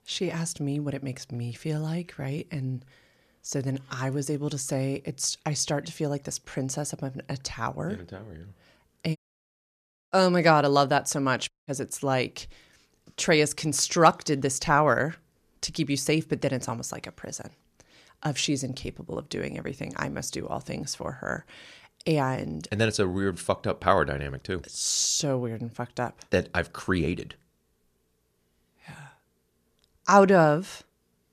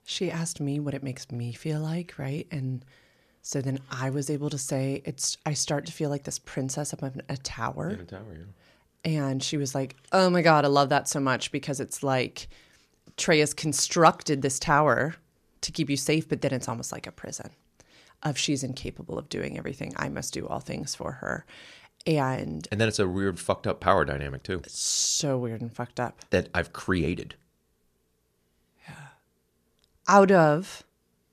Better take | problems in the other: second | audio cutting out; at 9 s for 1 s and at 12 s

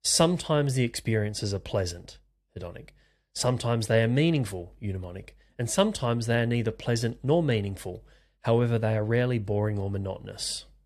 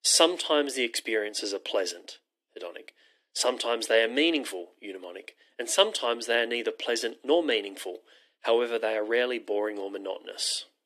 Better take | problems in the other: first | thin; very; fading below 300 Hz

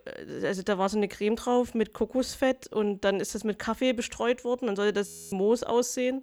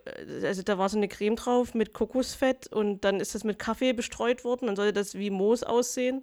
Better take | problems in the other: second | audio freezing; at 5 s

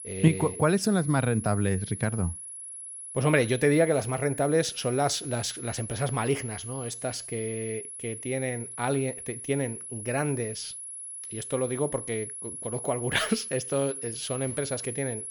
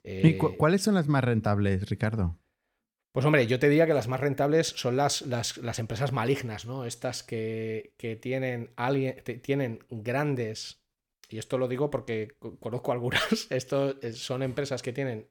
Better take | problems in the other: second | high-pitched whine; loud; throughout; 10.5 kHz, 8 dB below the speech

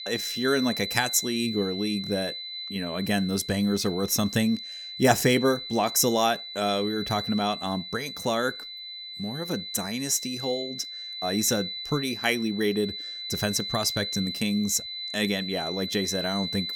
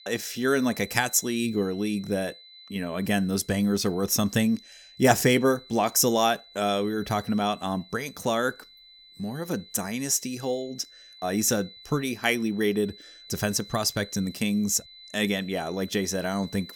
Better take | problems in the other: second | high-pitched whine; loud; throughout; 4 kHz, 6 dB below the speech; faint in the second

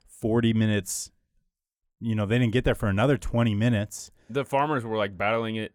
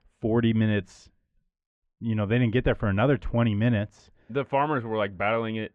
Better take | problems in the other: first | muffled; very; fading above 3 kHz

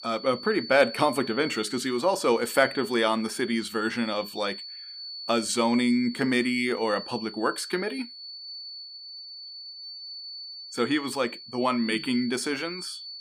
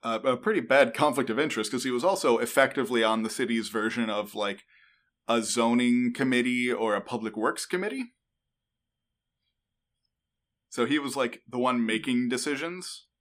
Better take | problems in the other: second | high-pitched whine; noticeable; throughout; 4.5 kHz, 10 dB below the speech

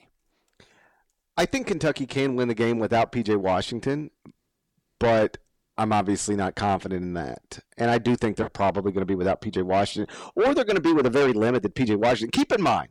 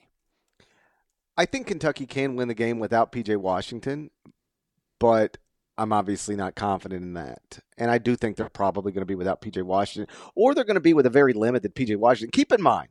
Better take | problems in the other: second | distortion; heavy; 7 dB below the speech

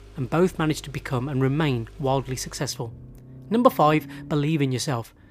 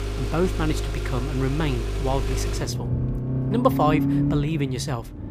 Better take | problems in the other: first | traffic noise; loud; throughout; as loud as the speech; faint in the first

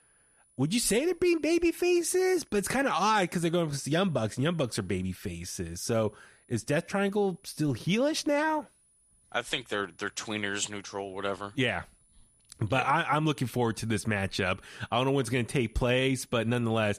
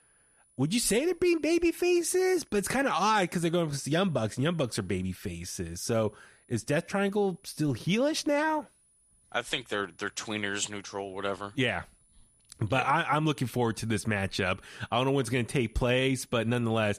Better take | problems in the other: neither | high-pitched whine; faint; throughout; 10 kHz, 35 dB below the speech; the same in both

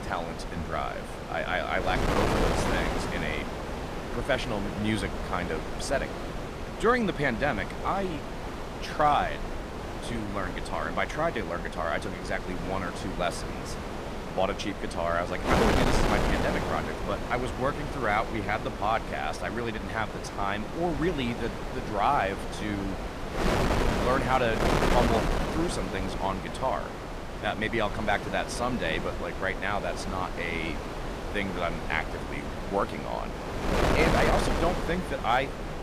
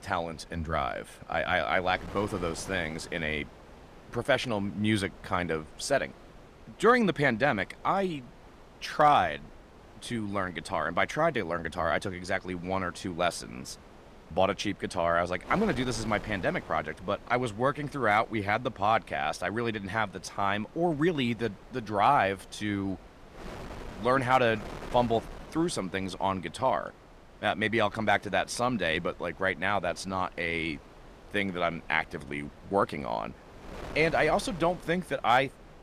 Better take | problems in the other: second | wind noise on the microphone; heavy; 3 dB below the speech; occasional gusts in the second

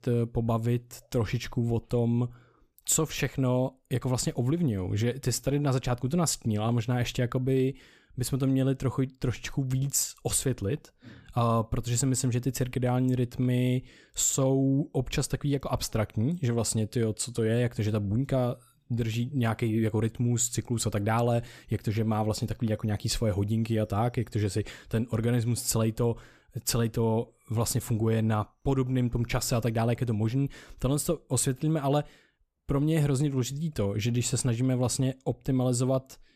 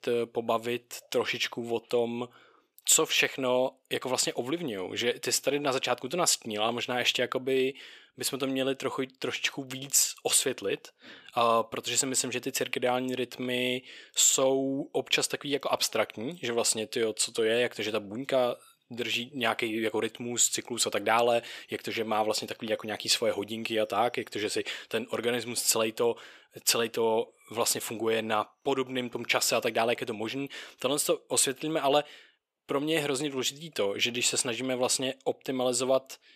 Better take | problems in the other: first | thin; somewhat; fading below 450 Hz

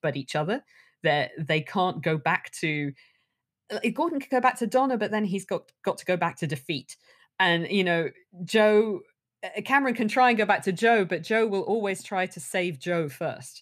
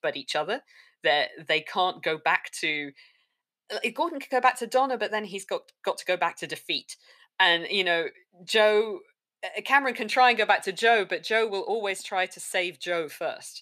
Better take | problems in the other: first | thin; somewhat; fading below 450 Hz

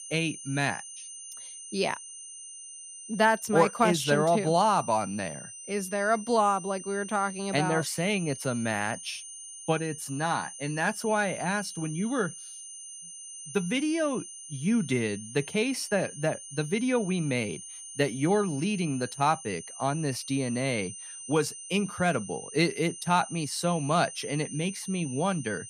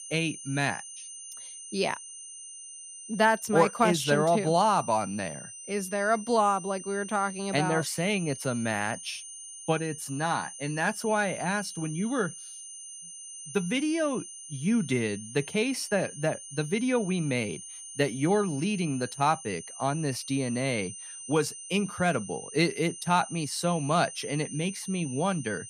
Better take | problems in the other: neither | high-pitched whine; noticeable; throughout; 9 kHz, 10 dB below the speech; the same in both

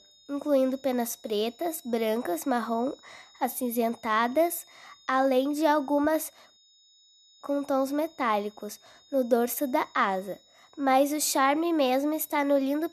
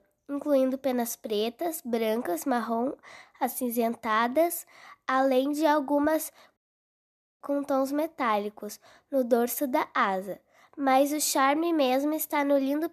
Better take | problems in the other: second | high-pitched whine; faint; throughout; 3.5 kHz, 30 dB below the speech

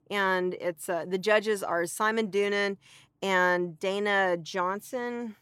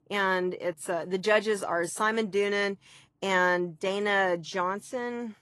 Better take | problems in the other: first | garbled, watery; slightly; nothing above 11 kHz

